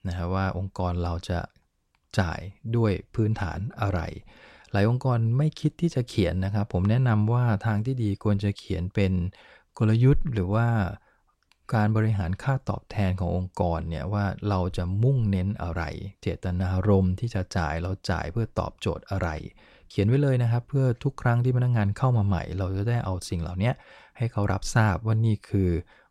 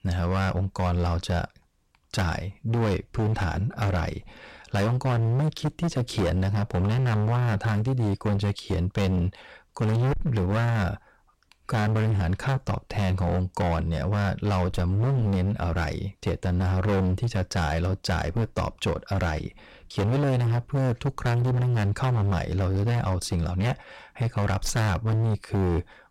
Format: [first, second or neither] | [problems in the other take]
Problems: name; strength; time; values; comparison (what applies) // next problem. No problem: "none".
first | distortion; heavy; 27% of the sound clipped